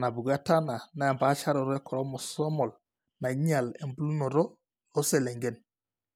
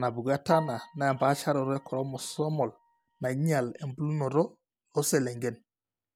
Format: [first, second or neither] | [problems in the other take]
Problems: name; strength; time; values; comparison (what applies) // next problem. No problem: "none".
first | background sound (Piano); 15 dB below the speech